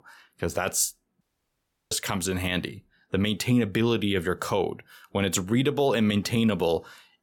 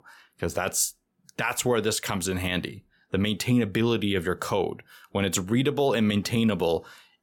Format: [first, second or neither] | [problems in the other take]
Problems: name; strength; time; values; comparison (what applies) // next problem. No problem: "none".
second | audio cutting out; at 1 s for 0.5 s